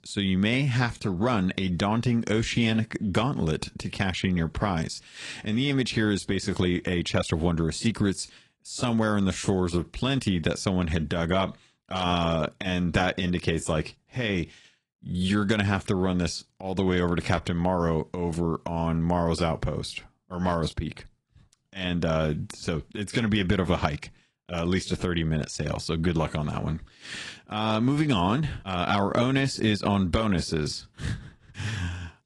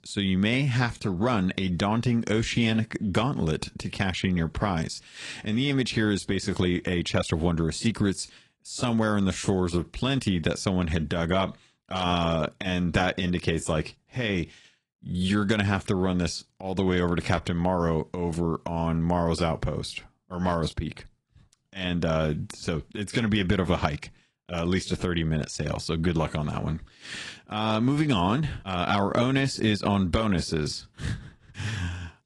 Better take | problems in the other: neither | garbled, watery; slightly; nothing above 10.5 kHz; the same in both

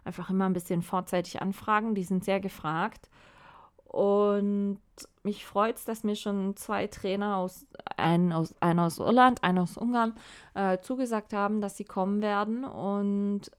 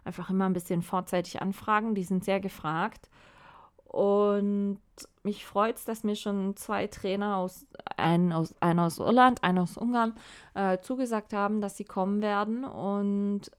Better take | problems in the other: neither | none

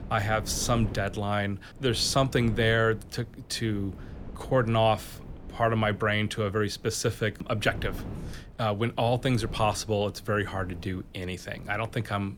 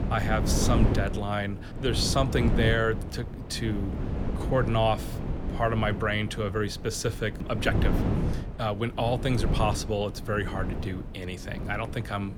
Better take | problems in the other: first | wind noise on the microphone; heavy; 9 dB below the speech; occasional gusts in the first

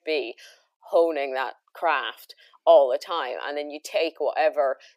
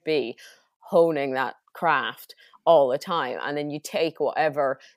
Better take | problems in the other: second | thin; somewhat; fading below 300 Hz

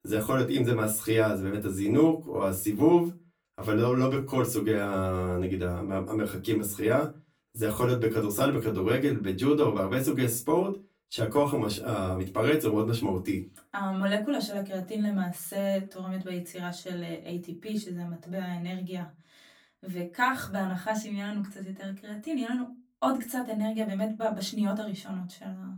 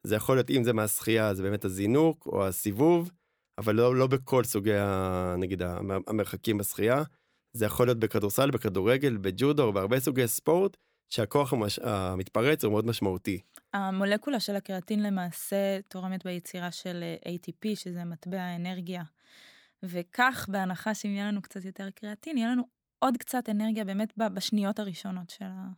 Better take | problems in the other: second | off-mic speech; far // room echo; very slight; dies away in 0.2 s

